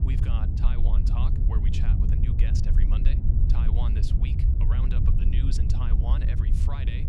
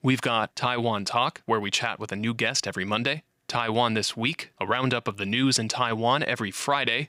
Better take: second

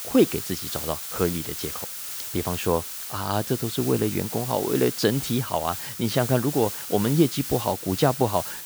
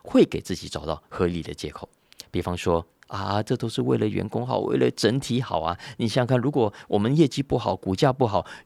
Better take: second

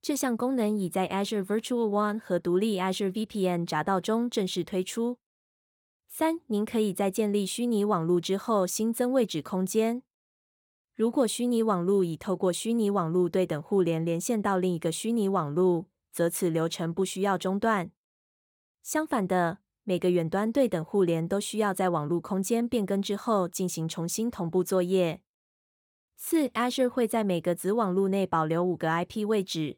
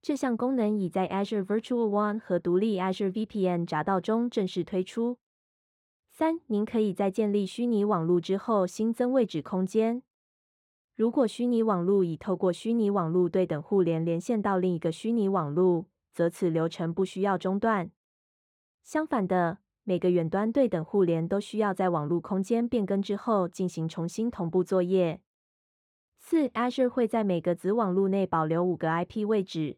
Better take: first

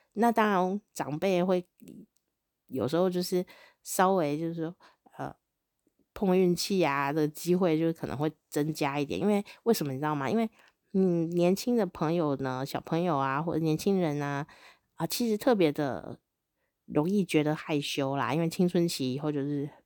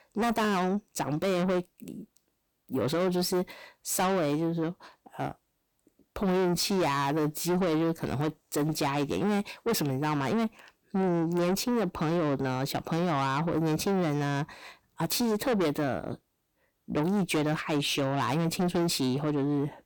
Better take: first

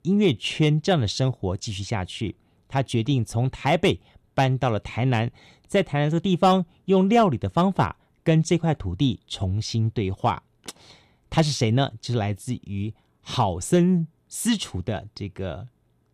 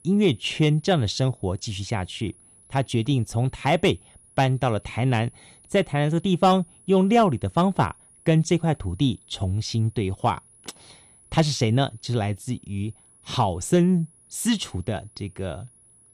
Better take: first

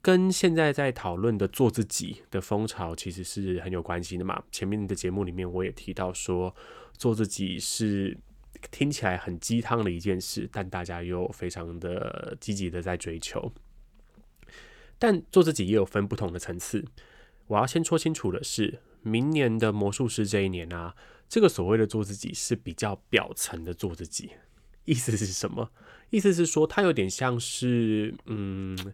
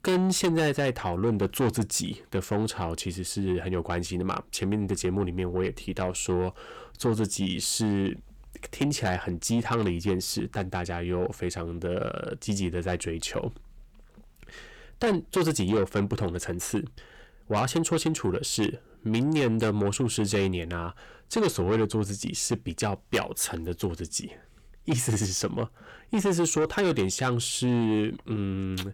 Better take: first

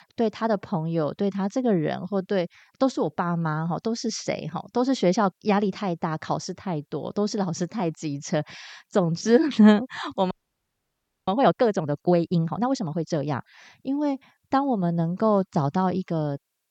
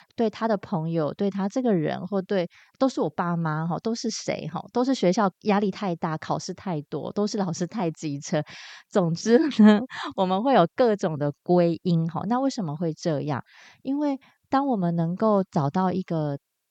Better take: second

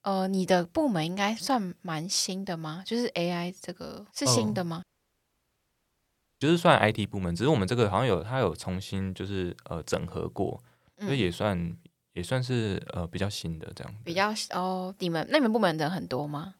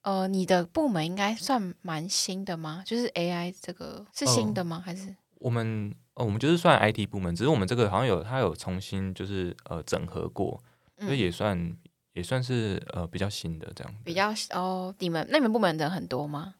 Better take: second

